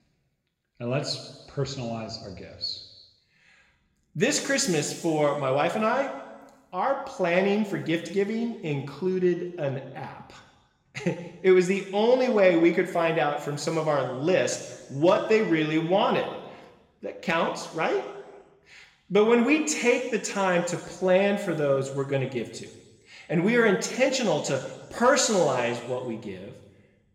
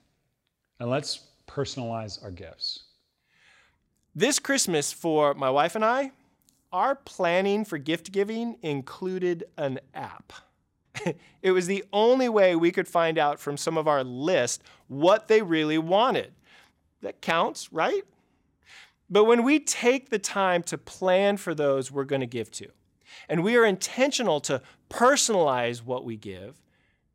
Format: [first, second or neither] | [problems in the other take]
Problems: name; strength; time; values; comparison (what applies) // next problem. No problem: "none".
second | room echo; slight; dies away in 1.2 s // off-mic speech; somewhat distant